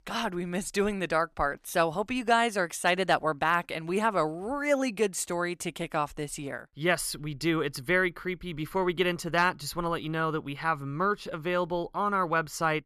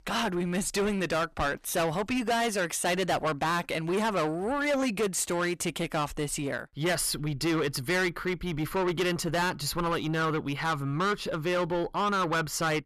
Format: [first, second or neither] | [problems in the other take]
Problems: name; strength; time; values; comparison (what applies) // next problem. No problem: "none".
first | distortion; heavy; 6 dB below the speech